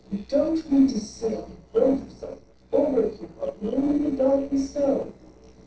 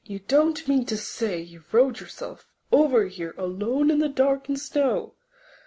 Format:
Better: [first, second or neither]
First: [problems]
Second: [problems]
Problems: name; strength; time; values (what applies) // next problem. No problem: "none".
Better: second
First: noise reduction (neural separator model SepFormer DNS4)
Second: none